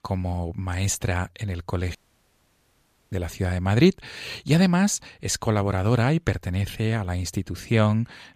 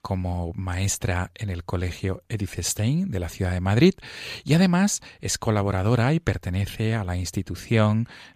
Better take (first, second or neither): second